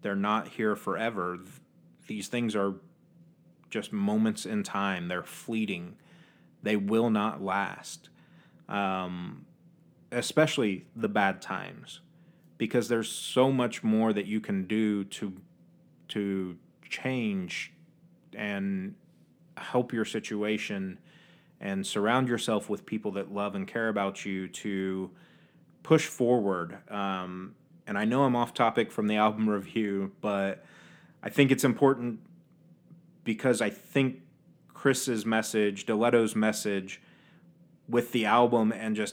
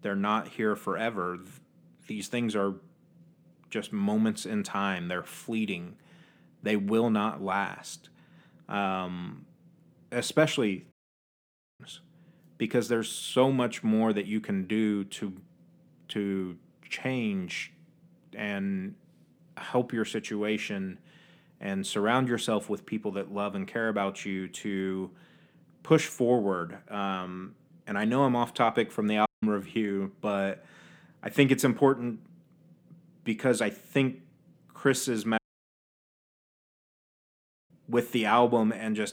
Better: first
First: none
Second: audio cutting out; at 11 s for 1 s, at 29 s and at 35 s for 2.5 s

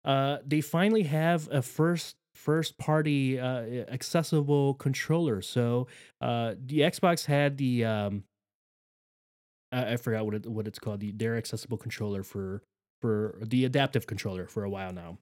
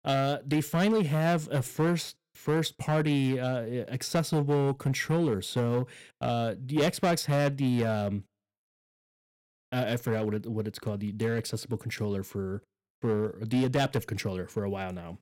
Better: first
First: none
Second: distortion; slight; 6% of the sound clipped

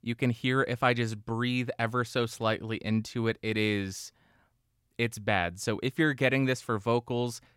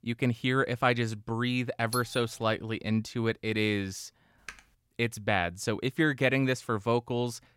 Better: first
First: none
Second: doorbell; noticeable; at 2 s; peak 8 dB below the speech // keyboard typing; faint; at 4.5 s; peak 15 dB below the speech

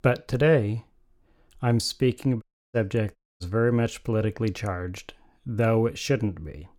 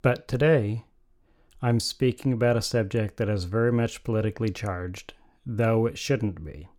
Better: second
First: audio cutting out; at 2.5 s and at 3 s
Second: none

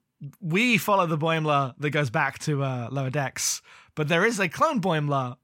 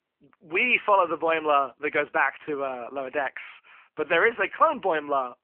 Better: first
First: none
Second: phone-call audio; poor line; nothing above 2.5 kHz

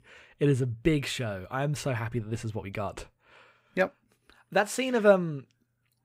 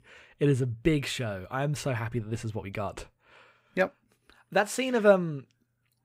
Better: neither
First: none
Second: none

